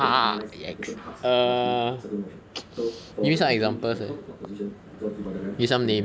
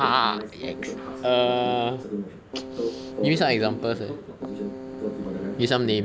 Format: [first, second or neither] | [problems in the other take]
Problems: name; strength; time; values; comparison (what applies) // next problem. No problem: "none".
first | background sound (Keyboard (musical)); 11 dB below the speech